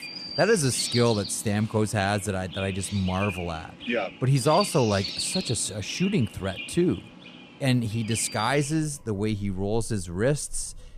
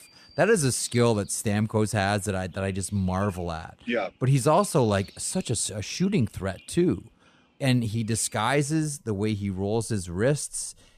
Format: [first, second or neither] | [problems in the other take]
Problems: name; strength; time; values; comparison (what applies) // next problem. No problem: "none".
second | animal sounds; loud; throughout; 9 dB below the speech; faint in the second